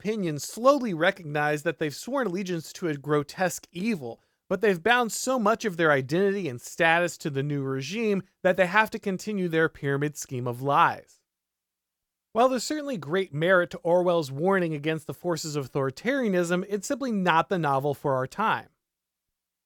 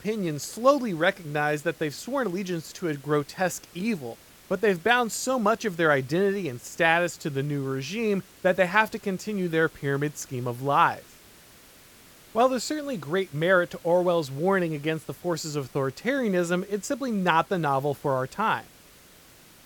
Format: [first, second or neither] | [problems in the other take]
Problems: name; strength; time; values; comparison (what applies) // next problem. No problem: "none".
first | hiss; faint; throughout; 25 dB below the speech